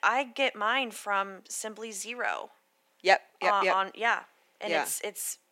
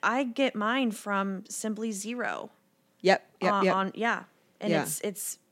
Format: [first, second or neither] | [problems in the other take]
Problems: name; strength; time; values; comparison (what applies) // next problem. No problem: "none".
second | thin; somewhat; fading below 500 Hz